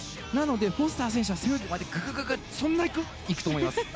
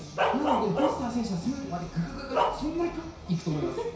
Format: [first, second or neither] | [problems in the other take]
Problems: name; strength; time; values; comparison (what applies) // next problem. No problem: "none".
first | background sound (Bark); 1 dB below the speech // room echo; dies away in 0.6 s